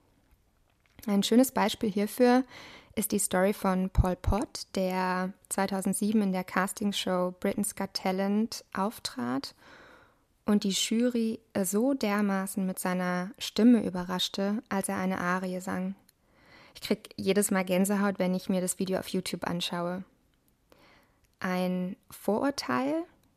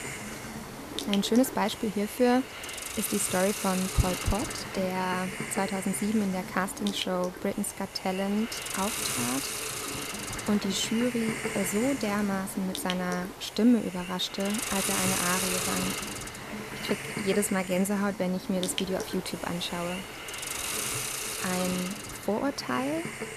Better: first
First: none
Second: hiss; loud; throughout; 4 dB below the speech

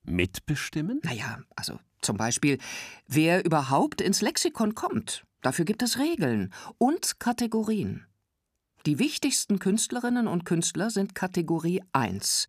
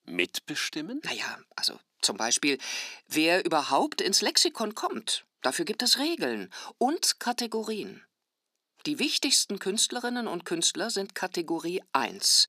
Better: first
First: none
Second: thin; somewhat; fading below 300 Hz

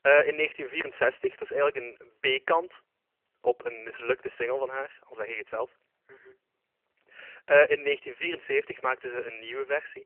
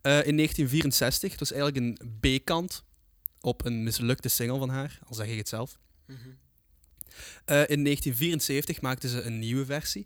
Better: second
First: phone-call audio; poor line; nothing above 3 kHz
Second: none

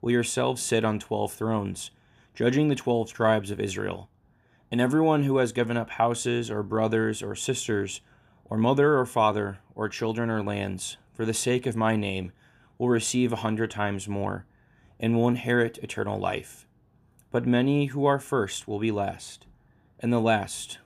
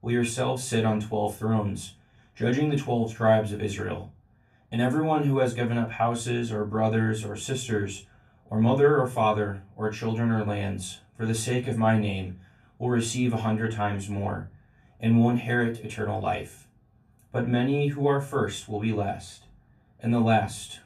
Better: first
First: none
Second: off-mic speech; far // room echo; very slight; dies away in 0.2 s

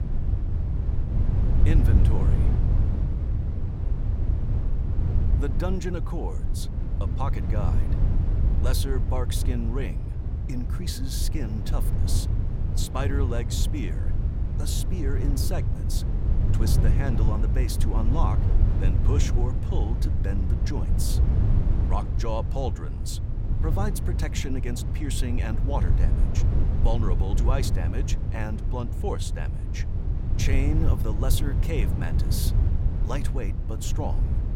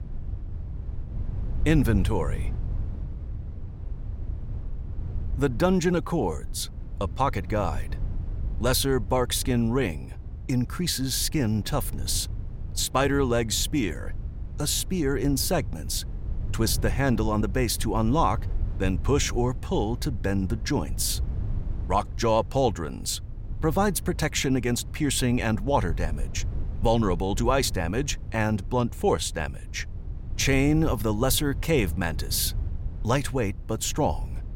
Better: second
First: low rumble; loud; throughout; 4 dB below the speech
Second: low rumble; faint; throughout; 20 dB below the speech

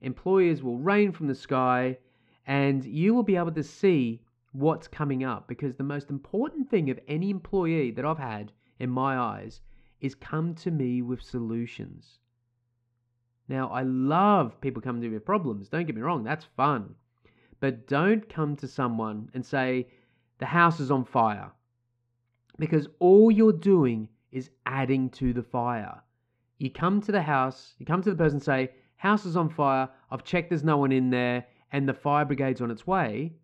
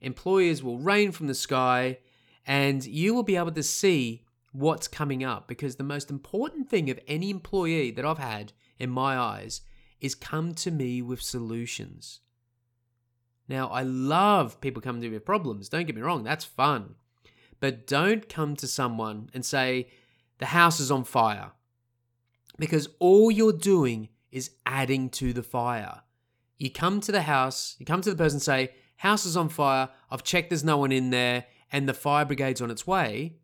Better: second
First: muffled; very; fading above 2 kHz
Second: none

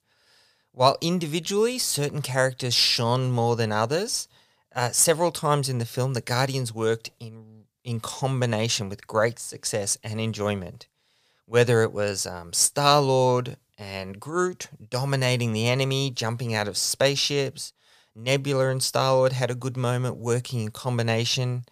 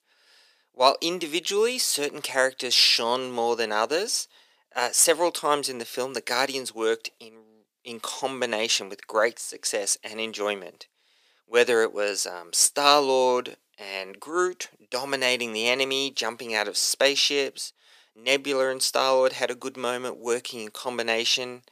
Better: first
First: none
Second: thin; somewhat; fading below 300 Hz

